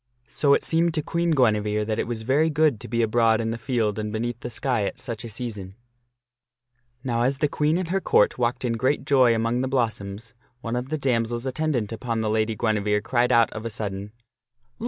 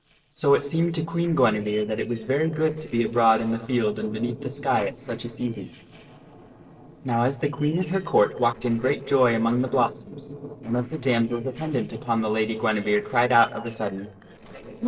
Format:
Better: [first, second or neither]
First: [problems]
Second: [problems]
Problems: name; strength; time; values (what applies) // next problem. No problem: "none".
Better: first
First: none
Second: noise reduction (neural separator model SepFormer DNS4)